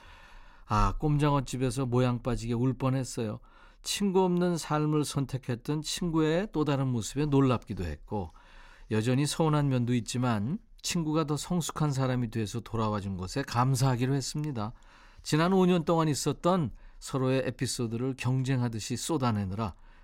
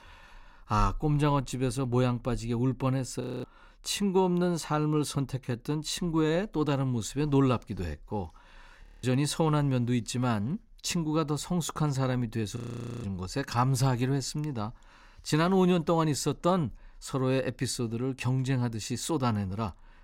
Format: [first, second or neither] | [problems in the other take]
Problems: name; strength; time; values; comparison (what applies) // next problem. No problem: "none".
first | audio freezing; at 3 s, at 9 s and at 13 s